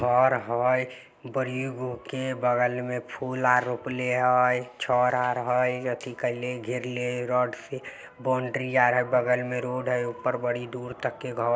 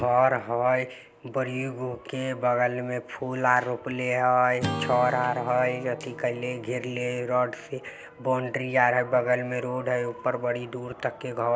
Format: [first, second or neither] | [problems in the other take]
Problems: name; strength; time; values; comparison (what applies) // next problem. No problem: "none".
first | background sound (Acoustic guitar / Strum); 15 dB below the speech